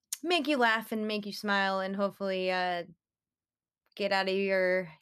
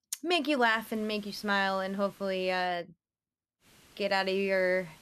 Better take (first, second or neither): first